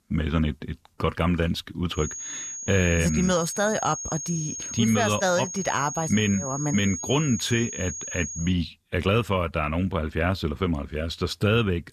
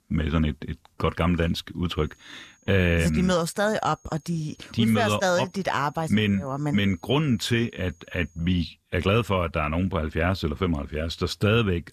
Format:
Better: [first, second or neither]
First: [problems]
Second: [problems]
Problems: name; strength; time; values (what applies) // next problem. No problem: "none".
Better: second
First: high-pitched whine; loud; from 2 to 8.5 s; 6.5 kHz, 6 dB below the speech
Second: high-pitched whine; faint; from 2 to 8.5 s; 6.5 kHz, 35 dB below the speech